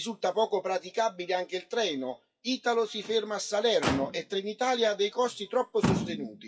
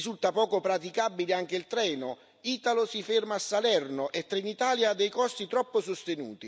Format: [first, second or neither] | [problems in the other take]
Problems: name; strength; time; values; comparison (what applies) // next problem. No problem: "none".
second | noise reduction (classical method WPE with log-MMSE)